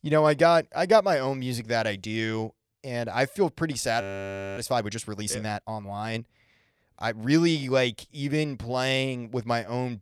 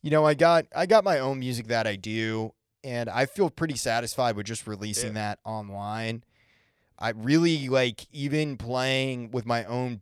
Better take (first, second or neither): second